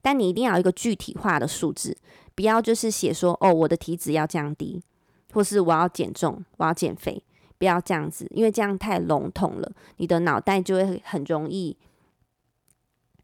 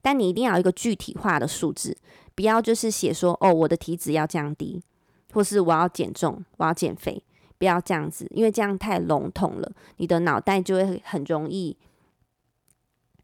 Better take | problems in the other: neither | none

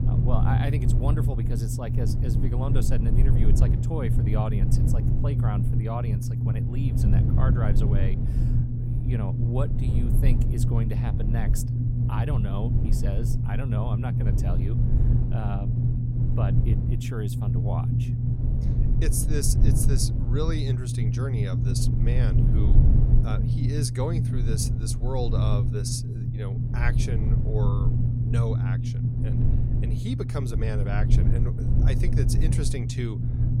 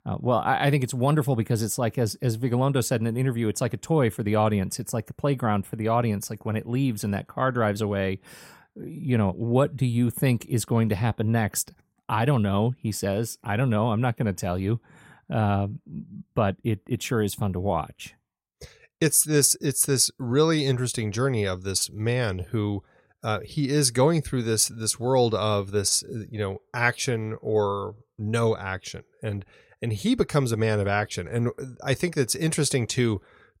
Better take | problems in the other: second | low rumble; loud; throughout; 1 dB below the speech

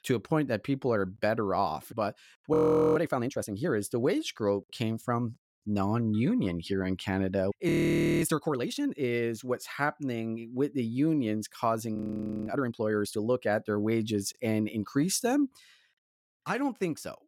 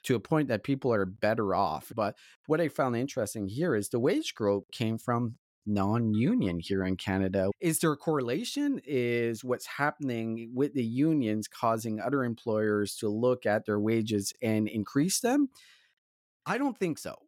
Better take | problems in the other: second | audio freezing; at 2.5 s, at 7.5 s for 0.5 s and at 12 s for 0.5 s

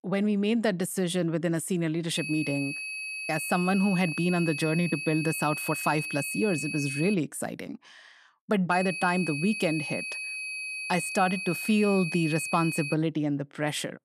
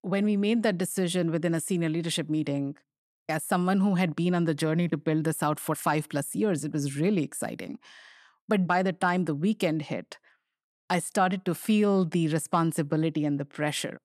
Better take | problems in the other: second | high-pitched whine; loud; from 2 to 7 s and from 8.5 to 13 s; 2.5 kHz, 5 dB below the speech

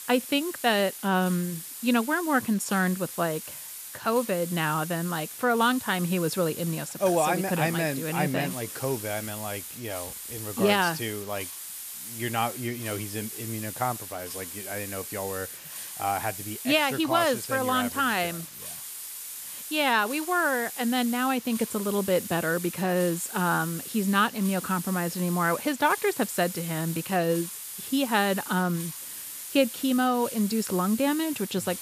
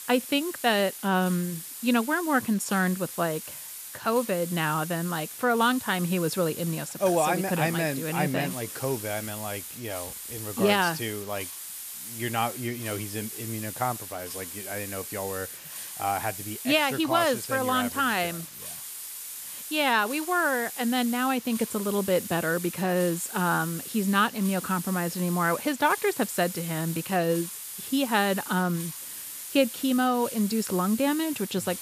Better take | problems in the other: neither | hiss; loud; throughout; 9 dB below the speech; the same in both

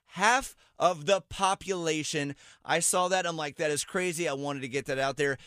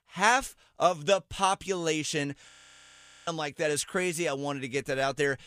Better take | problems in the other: first | audio freezing; at 2.5 s for 1 s

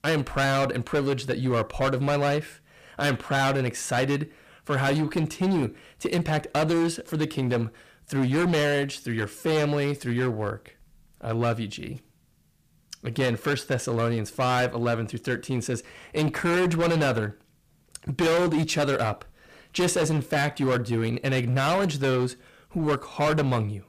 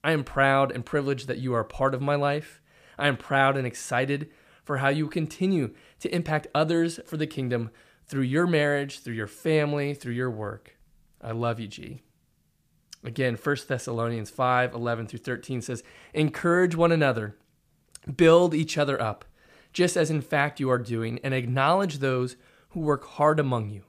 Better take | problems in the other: second | distortion; heavy; 15% of the sound clipped

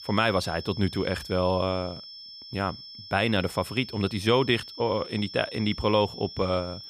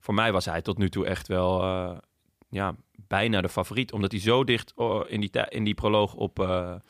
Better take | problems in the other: second | high-pitched whine; noticeable; throughout; 5.5 kHz, 15 dB below the speech

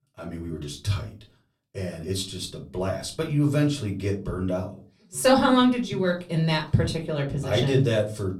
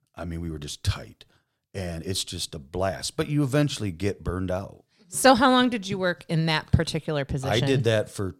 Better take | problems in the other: second | off-mic speech; far // room echo; very slight; dies away in 0.3 s

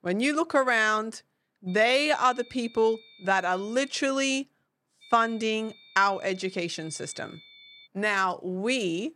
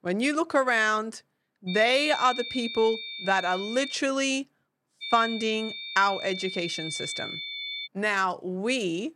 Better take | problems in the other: first | high-pitched whine; loud; from 1.5 to 4 s and from 5 to 8 s; 3.5 kHz, 8 dB below the speech; faint in the first

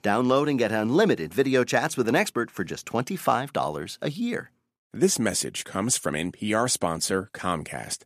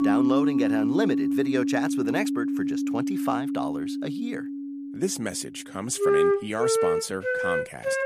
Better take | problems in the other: first | background music; very loud; throughout; 5 dB above the speech

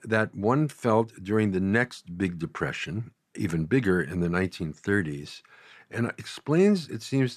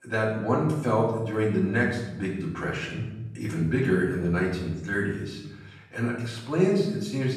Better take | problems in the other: first | off-mic speech; far // room echo; noticeable; dies away in 0.8 s

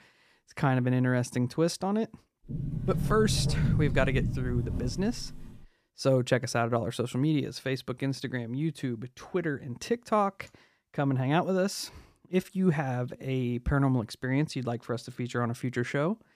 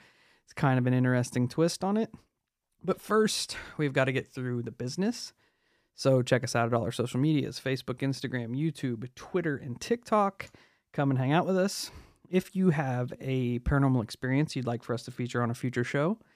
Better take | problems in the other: second | door banging; loud; from 2.5 to 5.5 s; peak 2 dB above the speech

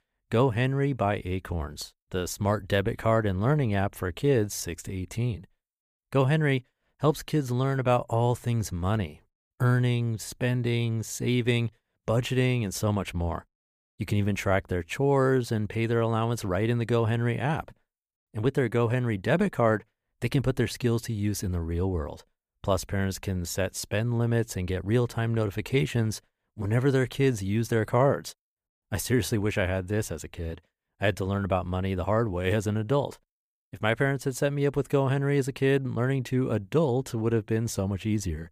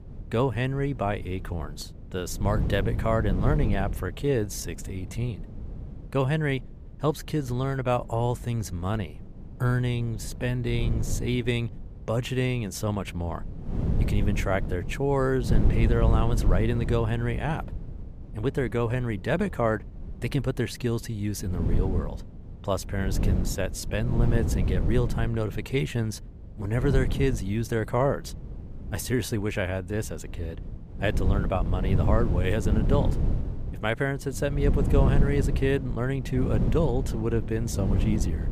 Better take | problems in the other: first | wind noise on the microphone; occasional gusts; 10 dB below the speech

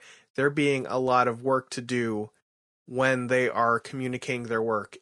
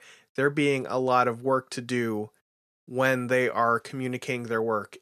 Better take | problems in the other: second | garbled, watery; slightly

